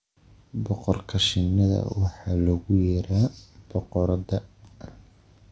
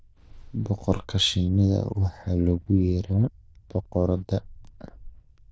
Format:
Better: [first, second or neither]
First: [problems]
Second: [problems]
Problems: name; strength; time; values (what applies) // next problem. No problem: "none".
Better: first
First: none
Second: noise reduction (neural diffusion model UNIVERSE++)